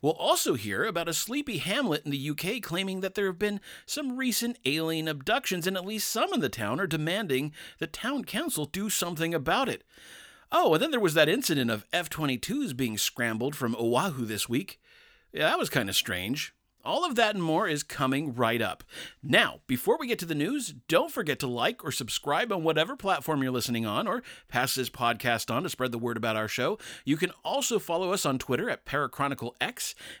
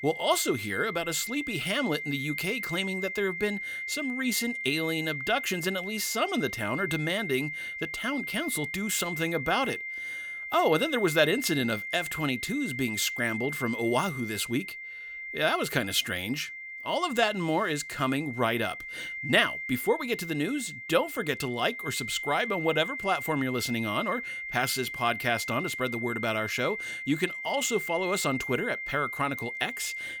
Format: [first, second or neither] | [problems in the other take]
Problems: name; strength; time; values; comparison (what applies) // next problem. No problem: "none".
first | high-pitched whine; loud; throughout; 2 kHz, 6 dB below the speech